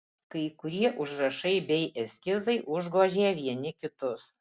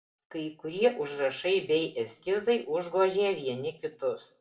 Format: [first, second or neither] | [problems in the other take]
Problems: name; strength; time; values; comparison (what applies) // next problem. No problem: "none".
first | room echo; dies away in 0.3 s